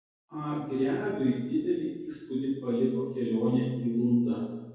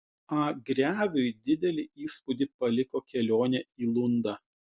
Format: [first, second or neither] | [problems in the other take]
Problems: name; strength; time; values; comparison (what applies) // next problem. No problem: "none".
second | room echo; dies away in 1.3 s